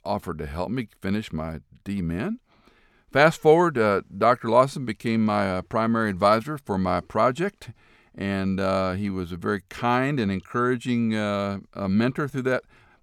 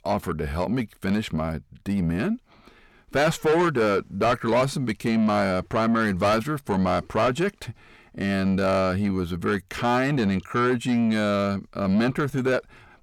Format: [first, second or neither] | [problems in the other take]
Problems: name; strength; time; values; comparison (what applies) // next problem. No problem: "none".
first | distortion; heavy; 7 dB below the speech